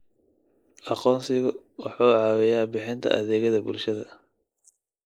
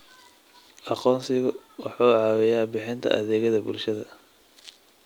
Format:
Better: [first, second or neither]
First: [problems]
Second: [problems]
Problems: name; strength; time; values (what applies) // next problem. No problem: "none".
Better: second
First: noise reduction (neural mask model Resemble Enhance denoiser)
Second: none